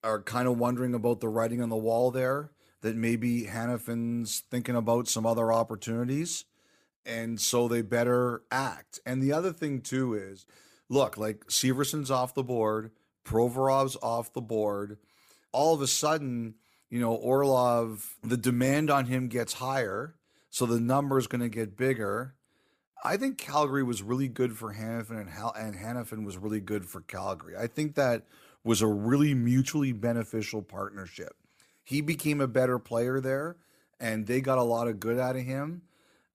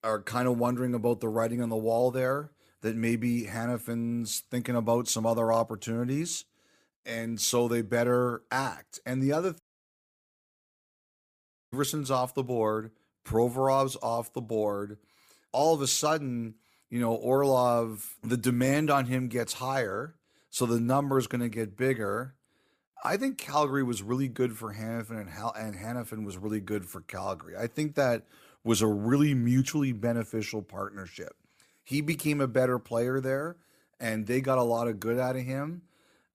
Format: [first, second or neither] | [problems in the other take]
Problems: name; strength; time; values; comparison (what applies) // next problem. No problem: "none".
first | audio cutting out; at 9.5 s for 2 s